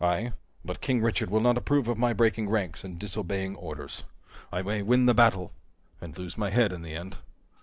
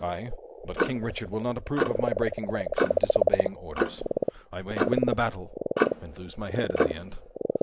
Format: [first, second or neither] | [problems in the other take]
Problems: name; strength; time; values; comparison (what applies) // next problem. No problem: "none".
first | background sound (Clock + Frog); 4 dB above the speech